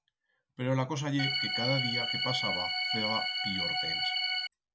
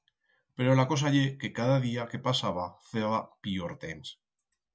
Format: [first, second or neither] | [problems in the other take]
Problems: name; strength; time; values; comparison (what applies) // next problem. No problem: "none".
second | background sound (Organ); 4 dB above the speech